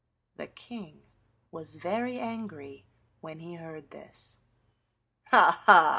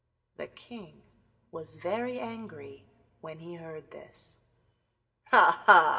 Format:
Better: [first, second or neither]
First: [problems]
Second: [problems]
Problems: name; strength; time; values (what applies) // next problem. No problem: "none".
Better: first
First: none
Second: room echo; dies away in 1 s